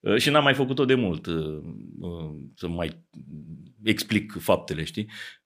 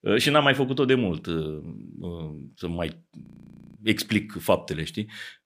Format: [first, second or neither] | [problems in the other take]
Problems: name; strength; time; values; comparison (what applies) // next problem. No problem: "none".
first | audio freezing; at 3 s for 0.5 s